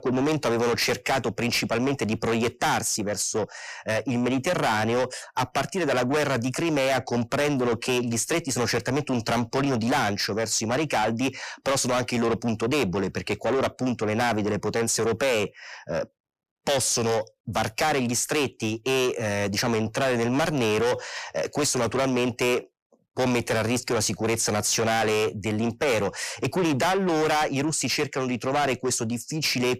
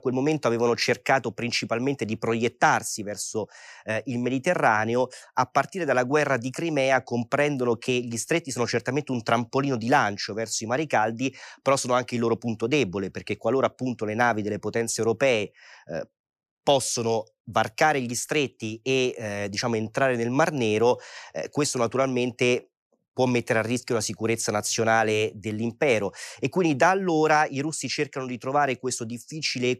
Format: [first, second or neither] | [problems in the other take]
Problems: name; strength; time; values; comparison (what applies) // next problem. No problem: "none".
second | distortion; heavy; 6 dB below the speech